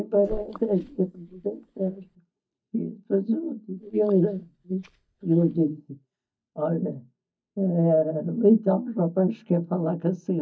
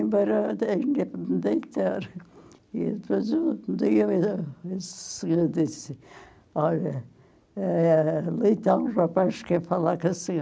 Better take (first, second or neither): second